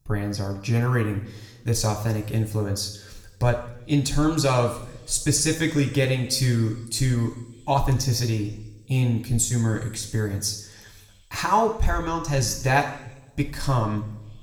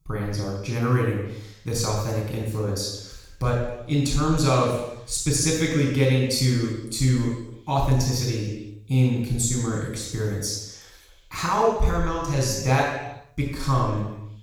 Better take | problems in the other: first | room echo; strong; dies away in 0.9 s; slight in the first // off-mic speech; far; somewhat distant in the first

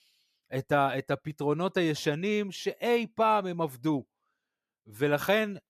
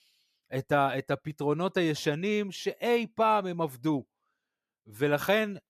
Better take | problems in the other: neither | none

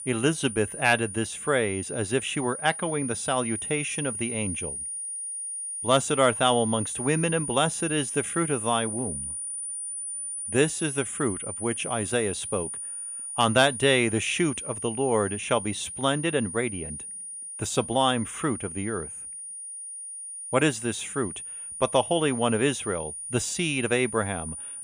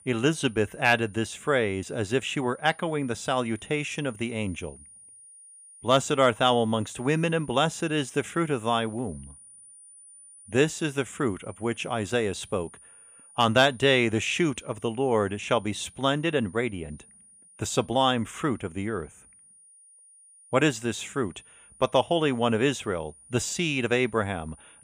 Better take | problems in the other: second | high-pitched whine; loud; throughout; 9.5 kHz, 6 dB below the speech; faint in the second

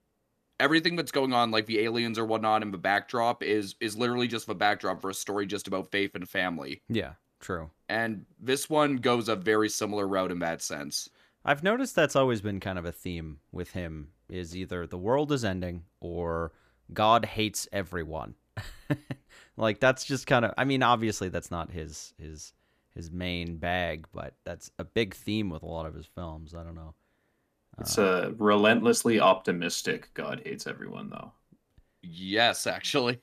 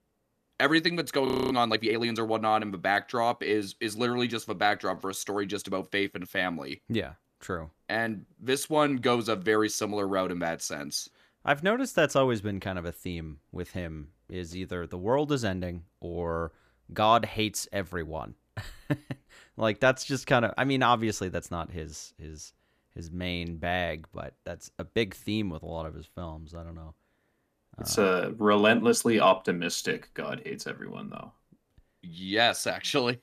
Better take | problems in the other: first | audio freezing; at 1.5 s

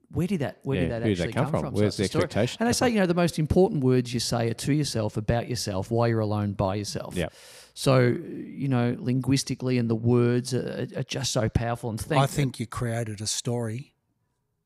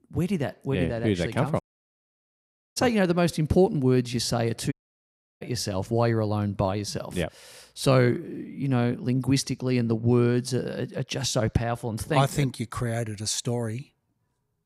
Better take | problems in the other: first | audio cutting out; at 1.5 s for 1 s and at 4.5 s for 0.5 s

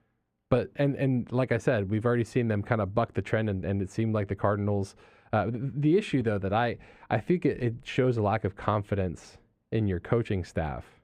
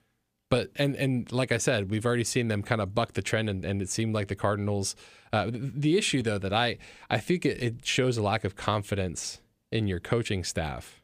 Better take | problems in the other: second | muffled; very; fading above 2.5 kHz

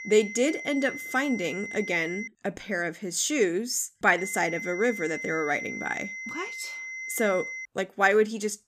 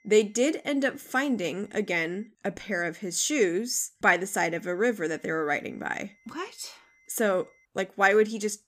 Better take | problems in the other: second | high-pitched whine; loud; until 2.5 s and from 4 to 7.5 s; 2 kHz, 8 dB below the speech; faint in the second

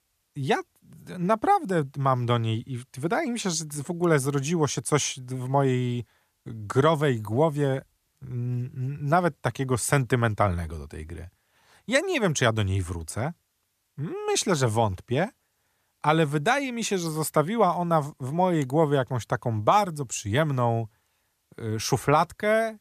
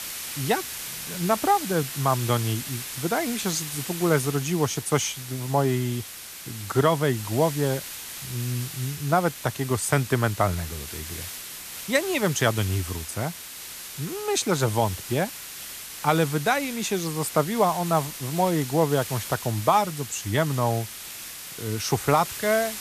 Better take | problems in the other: first | hiss; loud; throughout; 9 dB below the speech

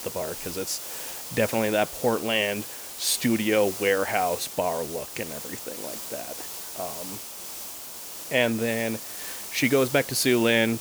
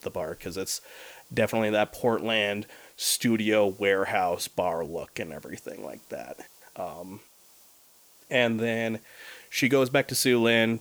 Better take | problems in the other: second | hiss; loud; throughout; 9 dB below the speech; faint in the second

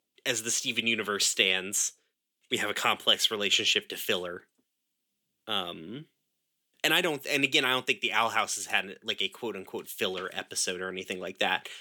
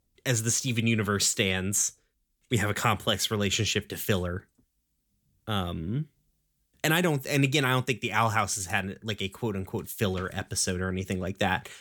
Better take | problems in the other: second | thin; somewhat; fading below 350 Hz

